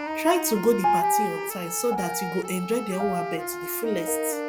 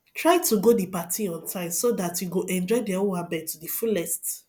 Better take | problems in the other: second | background sound (Wind instrument, woodwind instrument + Piano); 1 dB below the speech

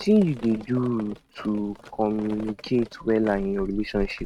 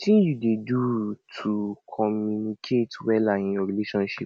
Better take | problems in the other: second | noise reduction (neural mask model RNNoise)

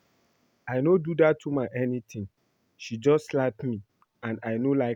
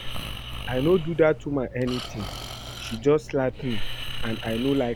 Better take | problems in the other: first | background sound (Breathing); 6 dB below the speech

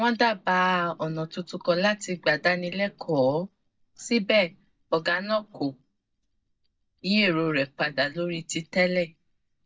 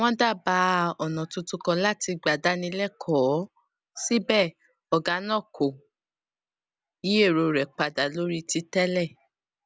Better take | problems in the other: second | noise reduction (neural mask model DeepFilterNet 3)

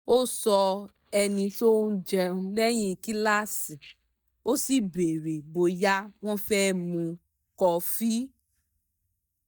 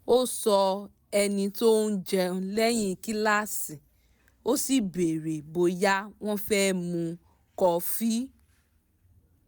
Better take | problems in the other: second | noise reduction (neural mask model DeepFilterNet 3)

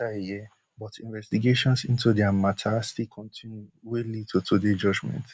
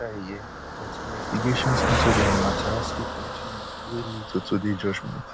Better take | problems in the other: first | background sound (Car passing by); 1 dB above the speech

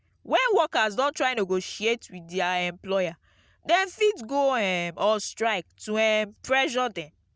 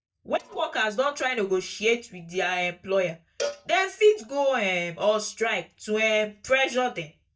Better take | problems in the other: first | noise reduction (neural mask model DeepFilterNet 3)

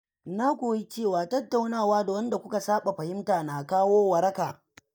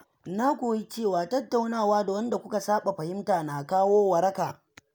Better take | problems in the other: second | noise reduction (neural mask model DeepFilterNet 3)

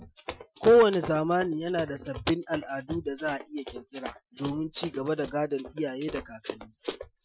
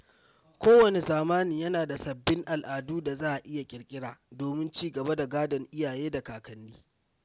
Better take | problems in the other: second | noise reduction (classical method Wiener filter)

